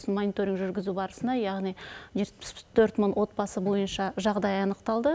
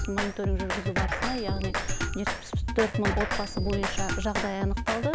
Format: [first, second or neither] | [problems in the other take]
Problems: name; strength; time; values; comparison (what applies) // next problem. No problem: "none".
first | background sound (Drum kit); 2 dB above the speech